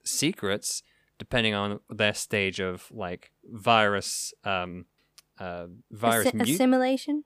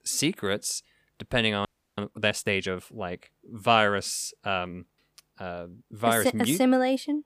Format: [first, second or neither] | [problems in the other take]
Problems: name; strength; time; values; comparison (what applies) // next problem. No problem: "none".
first | audio freezing; at 1.5 s